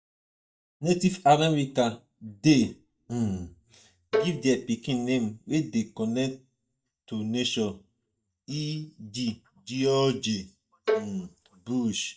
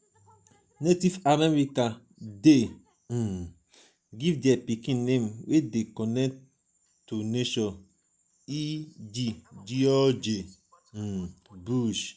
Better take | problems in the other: second | noise reduction (neural mask model DeepFilterNet 3)

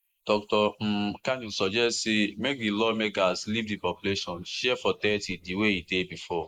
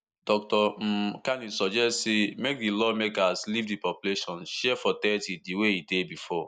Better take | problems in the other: second | noise reduction (neural mask model Resemble Enhance denoiser)

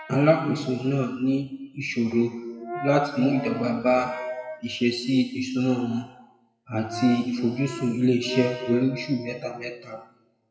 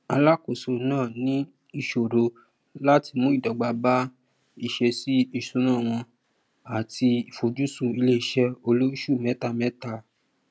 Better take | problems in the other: second | noise reduction (classical method WPE with log-MMSE)

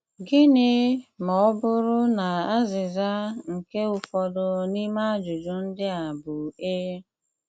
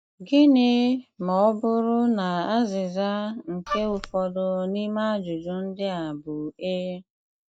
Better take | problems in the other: first | noise reduction (neural mask model DeepFilterNet 3)

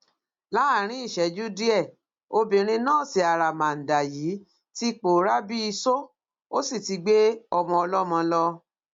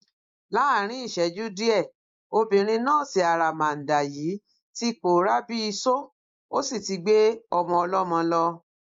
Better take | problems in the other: first | noise reduction (neural mask model Resemble Enhance denoiser)

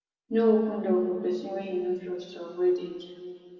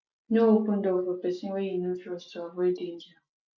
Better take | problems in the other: second | room echo; dies away in 2.1 s

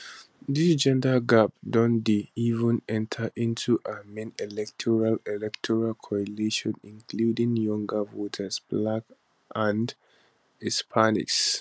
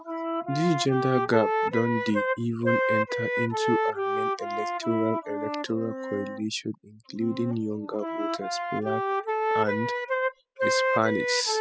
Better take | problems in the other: first | noise reduction (classical method spectral subtraction)

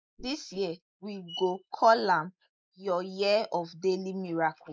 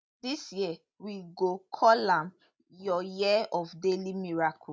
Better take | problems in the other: second | noise reduction (neural mask model Resemble Enhance denoiser)

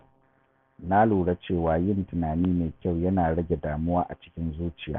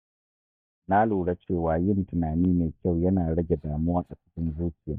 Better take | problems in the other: first | noise reduction (neural mask model DeepFilterNet 3)

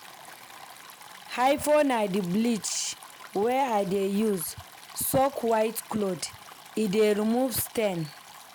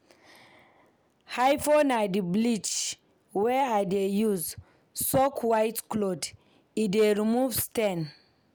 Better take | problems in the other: second | background sound (Stream); 19 dB below the speech

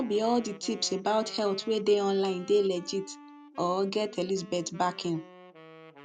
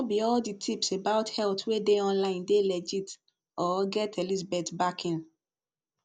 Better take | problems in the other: second | background sound (Wind instrument, woodwind instrument); 20 dB below the speech

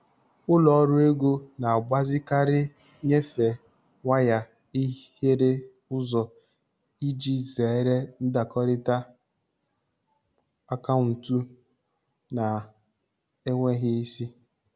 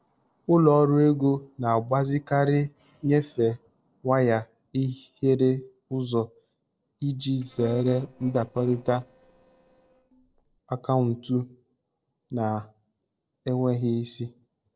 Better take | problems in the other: first | noise reduction (neural separator model SepFormer DNS4)

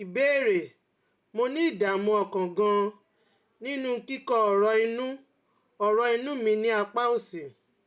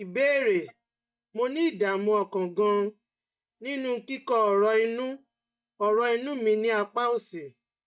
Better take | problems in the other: first | noise reduction (neural mask model DeepFilterNet 3)

